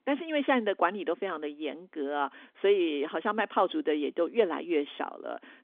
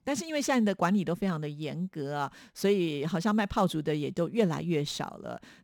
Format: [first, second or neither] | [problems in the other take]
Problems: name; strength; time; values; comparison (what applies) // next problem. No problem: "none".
second | phone-call audio; nothing above 3.5 kHz